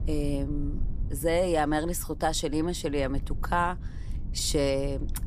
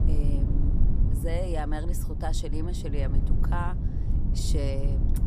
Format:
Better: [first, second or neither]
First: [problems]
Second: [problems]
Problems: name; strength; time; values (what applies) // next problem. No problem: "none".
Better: first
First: low rumble; faint; throughout; 25 dB below the speech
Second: low rumble; loud; throughout; 6 dB below the speech